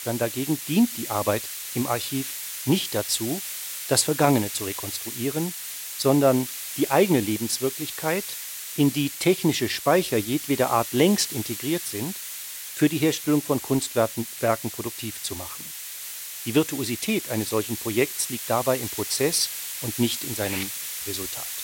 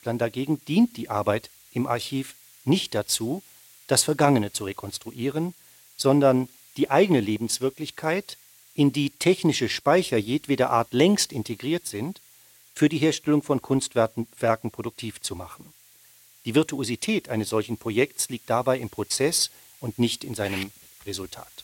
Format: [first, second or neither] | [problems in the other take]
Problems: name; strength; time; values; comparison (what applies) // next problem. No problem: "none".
second | hiss; loud; throughout; 7 dB below the speech; faint in the second